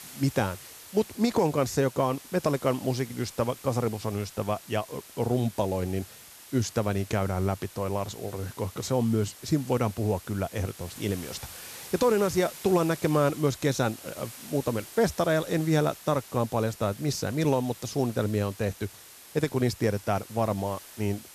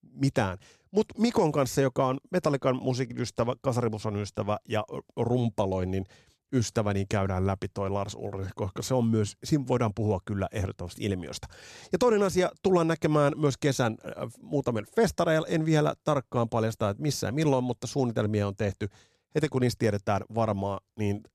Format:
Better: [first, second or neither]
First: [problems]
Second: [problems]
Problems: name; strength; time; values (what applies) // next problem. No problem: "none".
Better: second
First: hiss; noticeable; throughout; 15 dB below the speech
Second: none